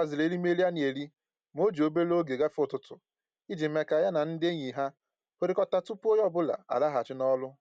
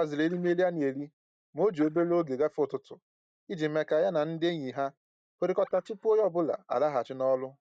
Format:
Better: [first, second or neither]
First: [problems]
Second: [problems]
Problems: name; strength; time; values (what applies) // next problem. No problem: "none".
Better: first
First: none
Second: noise reduction (neural mask model DeepFilterNet 3)